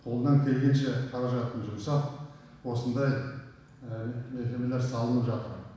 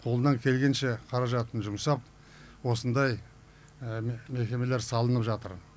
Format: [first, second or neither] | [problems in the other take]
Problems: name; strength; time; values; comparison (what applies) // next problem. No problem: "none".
second | room echo; dies away in 1.1 s